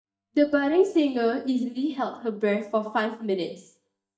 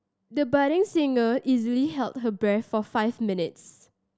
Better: second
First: noise reduction (neural mask model DeepFilterNet 3)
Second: none

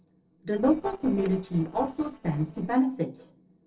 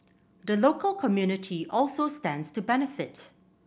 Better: second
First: noise reduction (neural separator model SepFormer DNS4)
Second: none

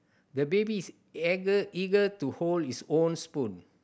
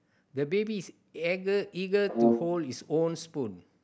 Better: first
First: none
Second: background sound (Brass instrument); 1 dB above the speech

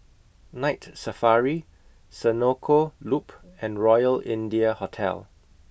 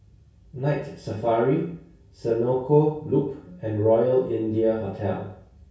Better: first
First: none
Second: room echo; dies away in 0.6 s

